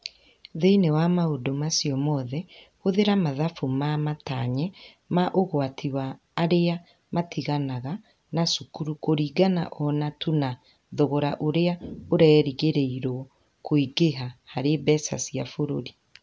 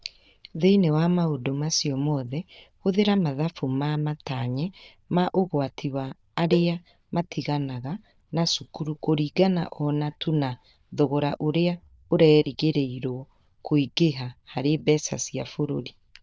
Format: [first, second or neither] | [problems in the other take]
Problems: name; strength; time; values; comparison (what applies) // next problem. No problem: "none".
first | noise reduction (neural diffusion model UNIVERSE++)